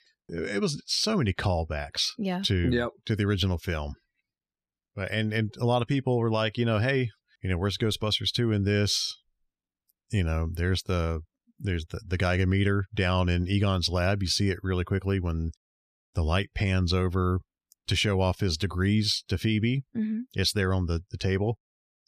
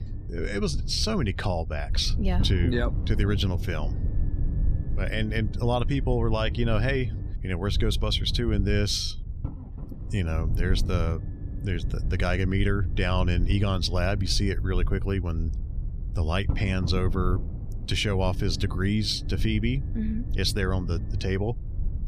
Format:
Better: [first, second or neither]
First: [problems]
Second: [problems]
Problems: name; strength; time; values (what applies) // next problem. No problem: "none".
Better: first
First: none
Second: low rumble; noticeable; throughout; 15 dB below the speech